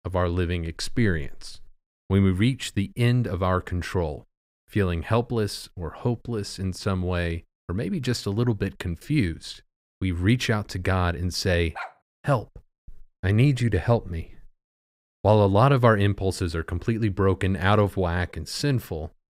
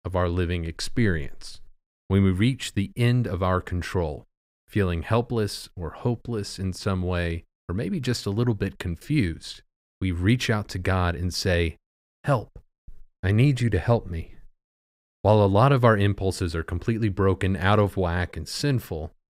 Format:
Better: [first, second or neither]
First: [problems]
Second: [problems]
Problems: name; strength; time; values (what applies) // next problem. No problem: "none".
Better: second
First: dog barking; faint; at 12 s; peak 15 dB below the speech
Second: none